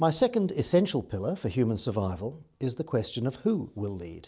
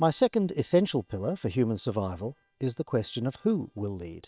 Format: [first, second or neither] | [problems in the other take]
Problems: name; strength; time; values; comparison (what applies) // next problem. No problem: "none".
first | noise reduction (neural separator model SepFormer WHAM!)